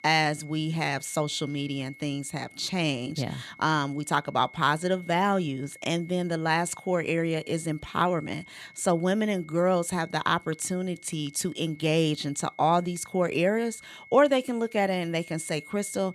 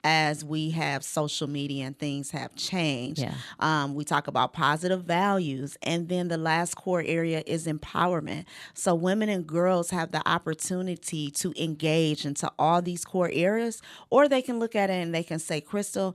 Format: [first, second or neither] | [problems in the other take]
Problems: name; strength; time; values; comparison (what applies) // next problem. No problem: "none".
second | high-pitched whine; faint; throughout; 2 kHz, 20 dB below the speech